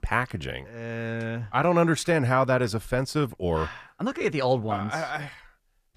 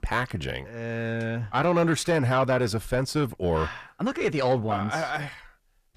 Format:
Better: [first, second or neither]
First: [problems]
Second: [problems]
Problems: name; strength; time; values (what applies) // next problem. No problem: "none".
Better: first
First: none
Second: distortion; slight; 10 dB below the speech